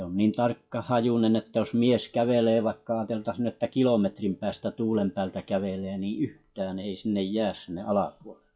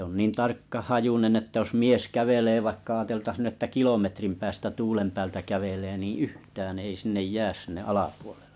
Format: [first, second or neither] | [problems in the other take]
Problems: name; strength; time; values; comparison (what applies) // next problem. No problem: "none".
second | noise reduction (classical method WPE with log-MMSE)